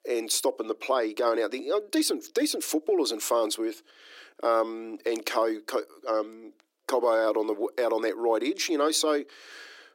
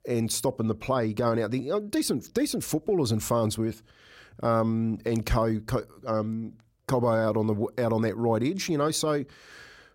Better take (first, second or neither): second